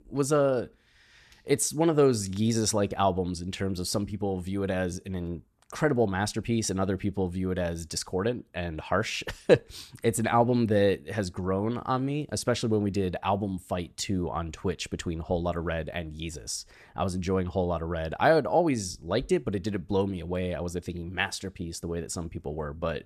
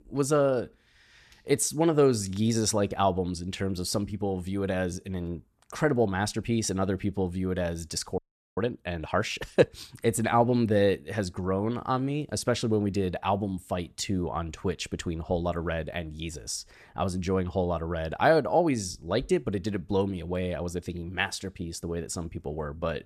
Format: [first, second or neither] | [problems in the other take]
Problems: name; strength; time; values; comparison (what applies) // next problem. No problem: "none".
first | audio freezing; at 8 s